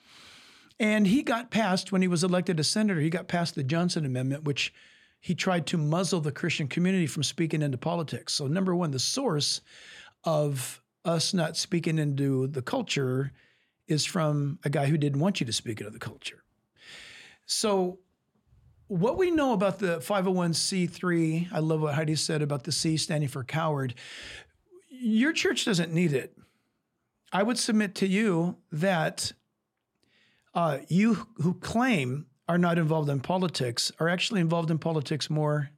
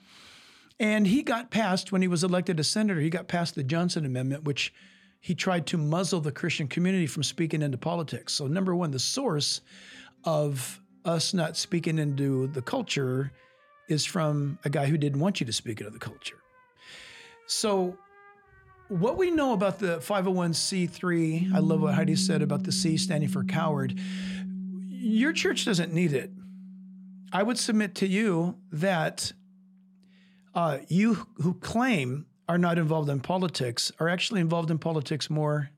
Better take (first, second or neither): first